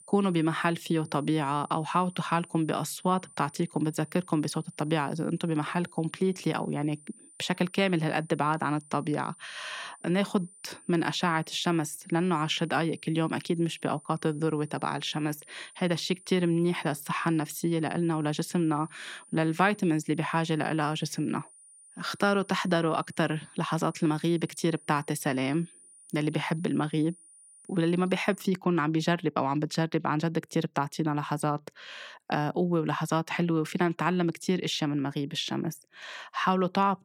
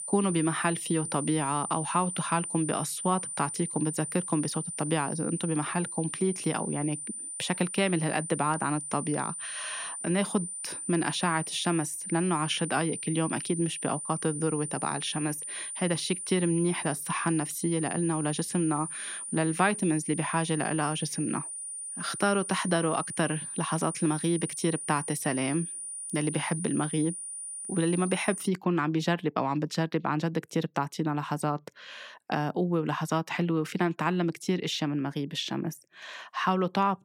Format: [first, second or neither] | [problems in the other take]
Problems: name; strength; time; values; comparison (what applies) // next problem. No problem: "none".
first | high-pitched whine; loud; until 28 s; 9 kHz, 5 dB below the speech; faint in the first